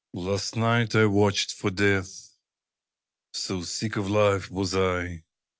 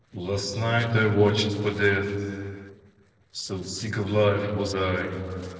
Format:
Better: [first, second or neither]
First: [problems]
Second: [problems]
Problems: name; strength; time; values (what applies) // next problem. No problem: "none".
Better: first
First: none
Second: noise reduction (neural separator model SepFormer DNS4)